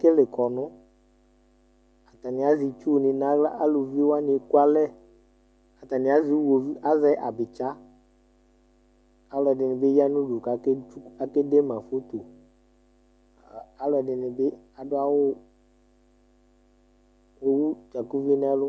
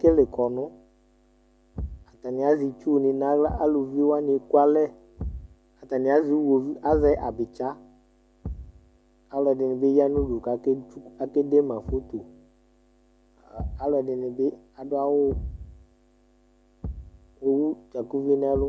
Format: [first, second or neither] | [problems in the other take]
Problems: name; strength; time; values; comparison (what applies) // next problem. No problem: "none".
first | background sound (Thump, thud); 15 dB below the speech